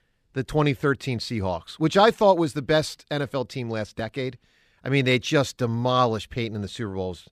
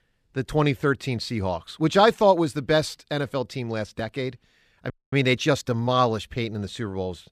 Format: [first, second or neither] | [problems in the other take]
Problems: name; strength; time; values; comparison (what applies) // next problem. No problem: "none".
first | audio freezing; at 5 s